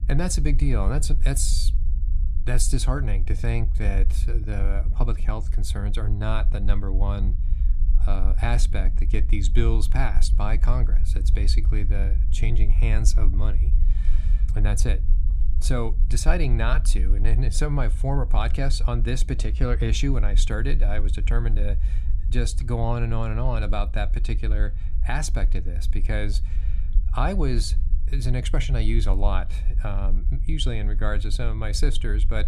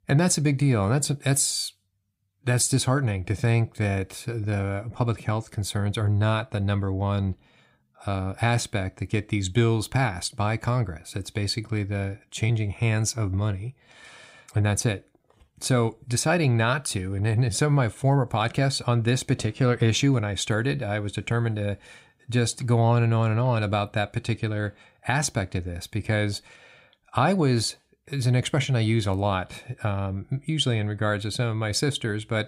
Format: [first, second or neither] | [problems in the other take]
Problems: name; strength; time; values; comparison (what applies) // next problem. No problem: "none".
second | low rumble; noticeable; throughout; 15 dB below the speech